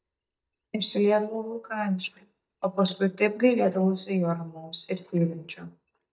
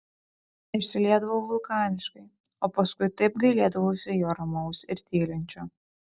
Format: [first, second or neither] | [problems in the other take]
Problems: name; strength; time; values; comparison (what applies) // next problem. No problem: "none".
second | noise reduction (neural mask model DeepFilterNet 3)